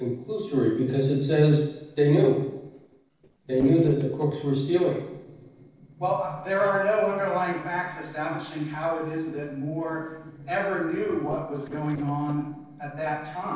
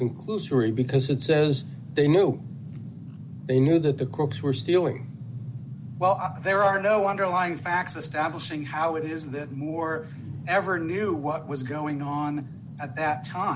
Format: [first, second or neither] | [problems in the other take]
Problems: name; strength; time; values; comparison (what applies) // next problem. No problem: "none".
second | noise reduction (neural separator model SepFormer DNS4)